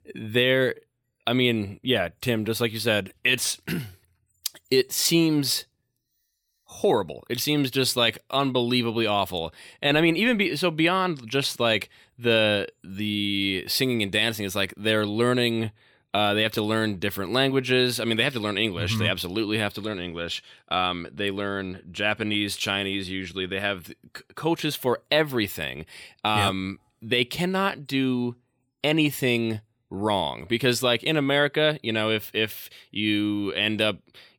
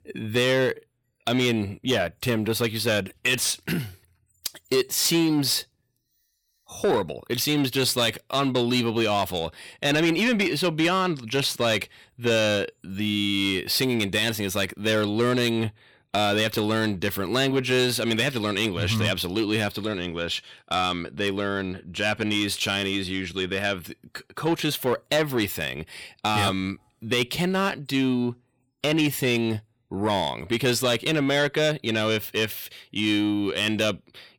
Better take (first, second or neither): first